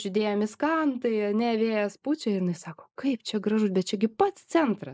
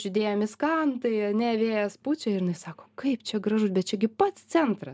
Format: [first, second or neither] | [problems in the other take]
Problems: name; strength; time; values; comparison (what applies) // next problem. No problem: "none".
second | noise reduction (neural mask model Resemble Enhance denoiser)